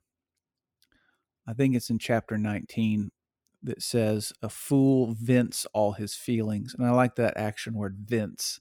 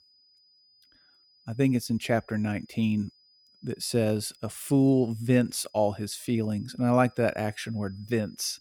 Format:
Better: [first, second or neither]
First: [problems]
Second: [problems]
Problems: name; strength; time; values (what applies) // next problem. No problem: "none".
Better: first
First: none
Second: high-pitched whine; faint; throughout; 5 kHz, 30 dB below the speech